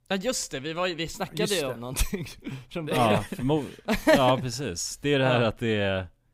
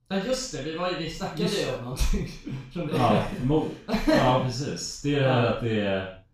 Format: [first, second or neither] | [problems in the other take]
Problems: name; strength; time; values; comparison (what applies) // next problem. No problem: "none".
first | room echo; noticeable; dies away in 0.4 s // off-mic speech; far